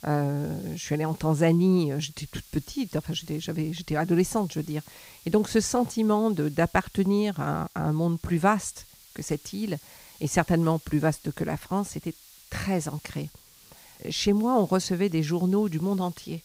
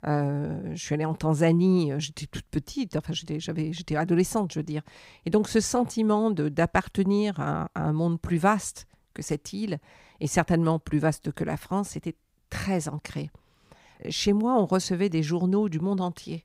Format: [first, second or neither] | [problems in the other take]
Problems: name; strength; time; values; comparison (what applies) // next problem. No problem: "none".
second | hiss; faint; throughout; 25 dB below the speech